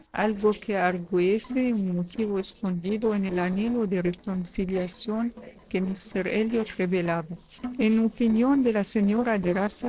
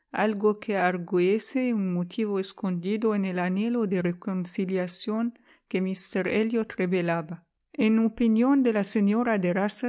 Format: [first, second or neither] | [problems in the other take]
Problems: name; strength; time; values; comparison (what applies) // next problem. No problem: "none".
second | noise reduction (neural separator model SepFormer DNS4)